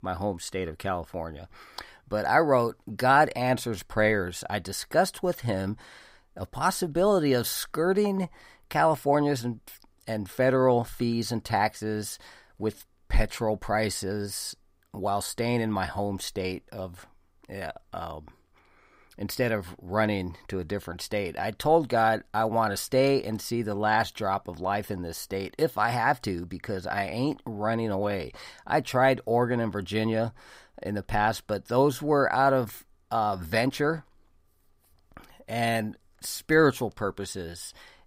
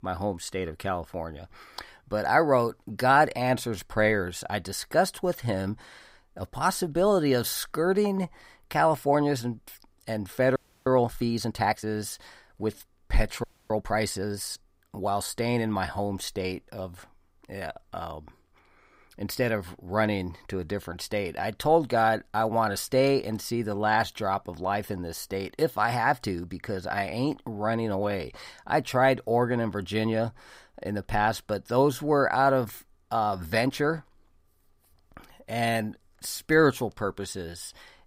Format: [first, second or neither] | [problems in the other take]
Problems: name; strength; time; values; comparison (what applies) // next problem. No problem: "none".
first | audio freezing; at 11 s and at 13 s